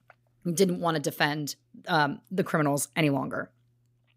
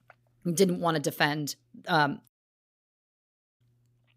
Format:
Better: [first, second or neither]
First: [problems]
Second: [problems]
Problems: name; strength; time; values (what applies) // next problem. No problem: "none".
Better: first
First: none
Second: audio cutting out; at 2.5 s for 1.5 s